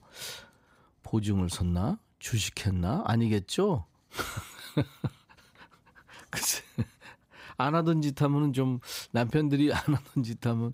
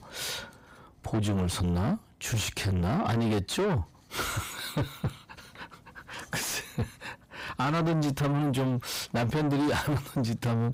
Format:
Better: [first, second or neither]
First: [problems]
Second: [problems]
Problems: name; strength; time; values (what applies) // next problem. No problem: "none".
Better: first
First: none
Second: distortion; heavy; 6 dB below the speech